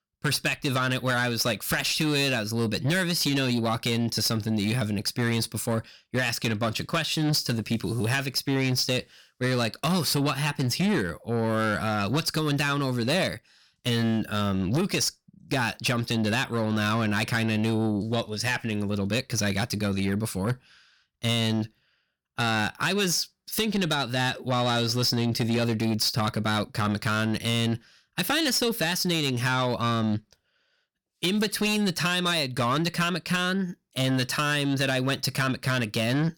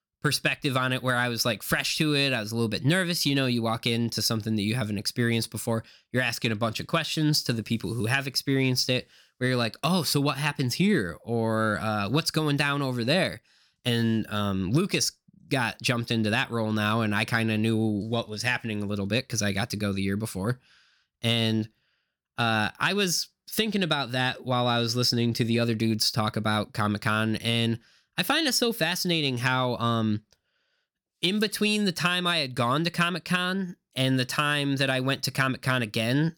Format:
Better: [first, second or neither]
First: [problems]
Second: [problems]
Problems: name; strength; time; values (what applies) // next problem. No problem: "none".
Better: second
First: distortion; slight; 10 dB below the speech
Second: none